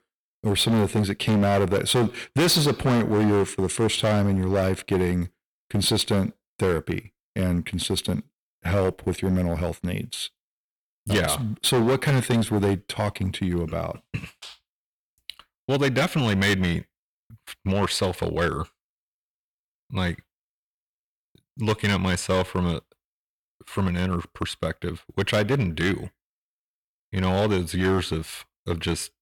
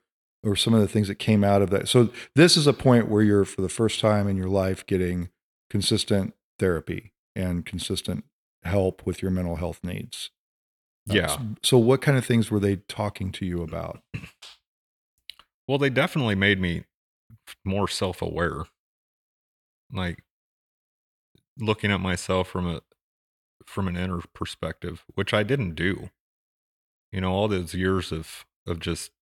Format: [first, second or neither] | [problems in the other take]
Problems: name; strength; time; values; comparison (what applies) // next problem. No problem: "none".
second | distortion; heavy; 8% of the sound clipped